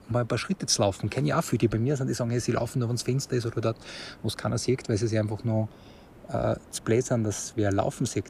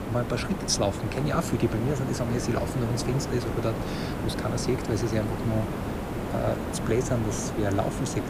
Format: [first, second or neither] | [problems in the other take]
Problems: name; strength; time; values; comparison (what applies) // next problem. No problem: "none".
first | hiss; loud; throughout; 3 dB below the speech; faint in the first